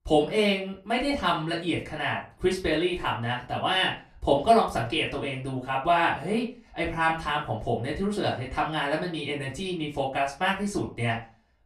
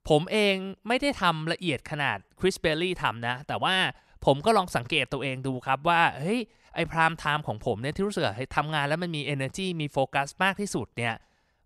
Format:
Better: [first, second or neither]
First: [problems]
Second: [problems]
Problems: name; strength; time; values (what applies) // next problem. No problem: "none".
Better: second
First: off-mic speech; far // room echo; very slight; dies away in 0.3 s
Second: none